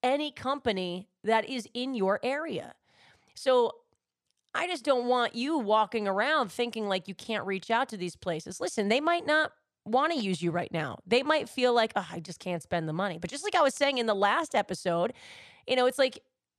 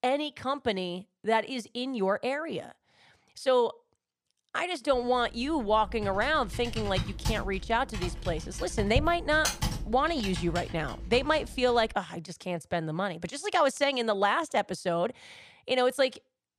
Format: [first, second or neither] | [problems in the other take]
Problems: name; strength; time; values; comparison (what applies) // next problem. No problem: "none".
first | keyboard typing; noticeable; from 5.5 to 12 s; peak 1 dB below the speech